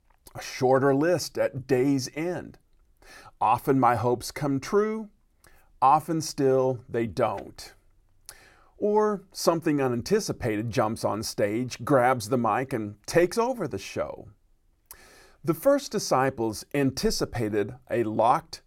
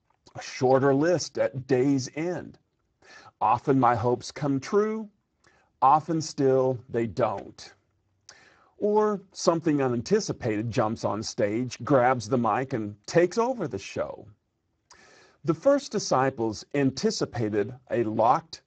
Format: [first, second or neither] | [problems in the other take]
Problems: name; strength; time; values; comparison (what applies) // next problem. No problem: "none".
first | garbled, watery; badly